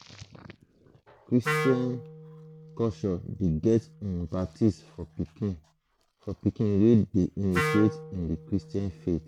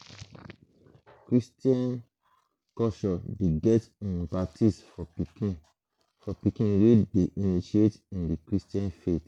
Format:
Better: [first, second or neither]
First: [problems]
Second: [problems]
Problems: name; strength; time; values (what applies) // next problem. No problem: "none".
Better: second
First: background sound (Wind instrument, woodwind instrument); 10 dB below the speech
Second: none